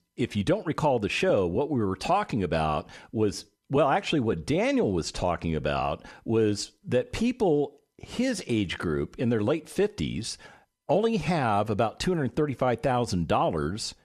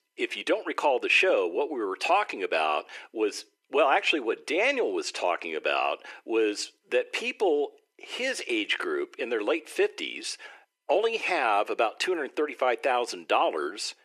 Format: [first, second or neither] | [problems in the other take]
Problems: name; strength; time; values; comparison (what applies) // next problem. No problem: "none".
first | thin; very; fading below 350 Hz